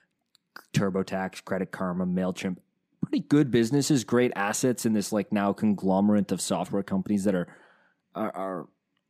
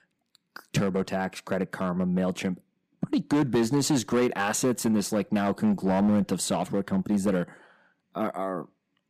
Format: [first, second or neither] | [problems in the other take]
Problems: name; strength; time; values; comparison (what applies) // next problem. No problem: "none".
first | distortion; slight; 6% of the sound clipped